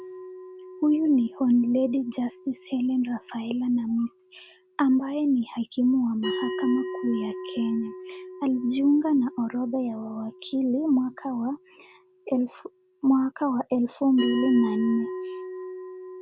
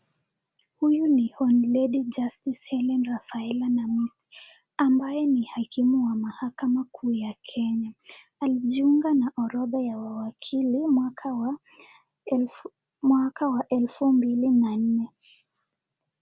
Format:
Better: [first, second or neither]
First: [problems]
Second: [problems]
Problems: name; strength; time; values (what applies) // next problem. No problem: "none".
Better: second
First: background sound (Bell); 12 dB below the speech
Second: none